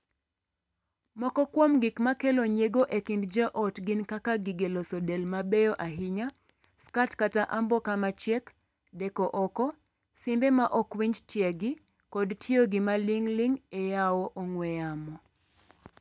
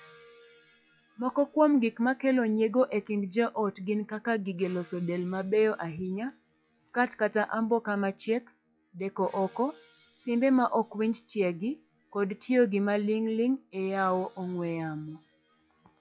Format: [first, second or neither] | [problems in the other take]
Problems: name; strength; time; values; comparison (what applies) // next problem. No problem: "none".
first | noise reduction (classical method log-MMSE)